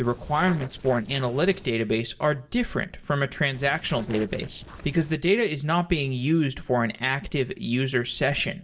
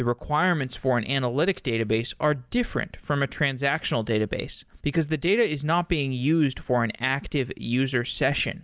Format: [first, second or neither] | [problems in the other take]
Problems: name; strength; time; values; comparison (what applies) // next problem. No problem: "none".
second | noise reduction (neural separator model SepFormer DNS4)